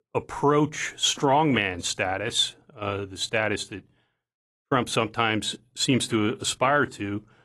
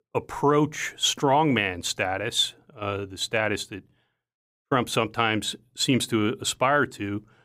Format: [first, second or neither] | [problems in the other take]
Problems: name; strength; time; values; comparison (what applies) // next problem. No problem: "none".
second | garbled, watery; slightly; nothing above 11 kHz